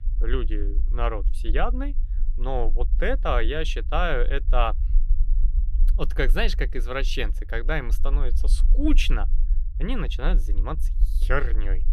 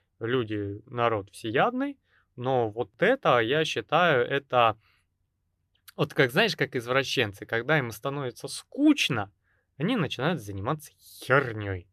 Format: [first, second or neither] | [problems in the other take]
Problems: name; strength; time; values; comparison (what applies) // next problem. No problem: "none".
second | low rumble; faint; throughout; 20 dB below the speech